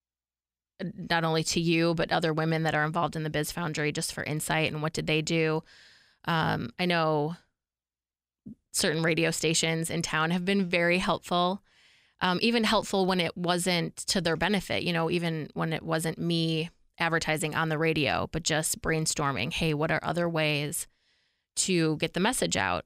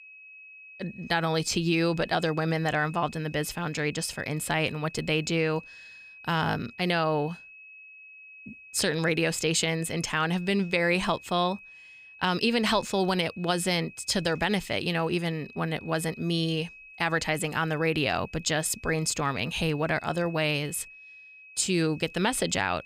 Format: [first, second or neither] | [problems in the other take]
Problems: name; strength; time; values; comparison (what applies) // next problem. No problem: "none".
first | high-pitched whine; noticeable; throughout; 2.5 kHz, 20 dB below the speech